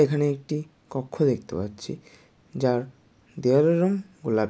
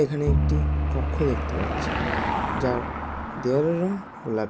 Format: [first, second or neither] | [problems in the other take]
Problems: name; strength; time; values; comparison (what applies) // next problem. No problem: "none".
first | background sound (Car passing by / Engine + Bowed string instrument); 1 dB above the speech